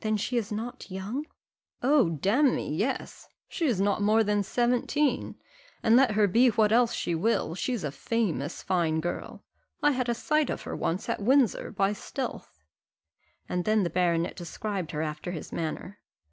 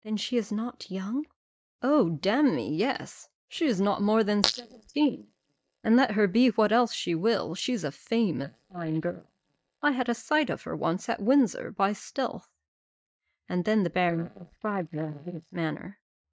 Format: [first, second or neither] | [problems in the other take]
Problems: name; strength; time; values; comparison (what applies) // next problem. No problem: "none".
first | noise reduction (neural mask model DeepFilterNet 3)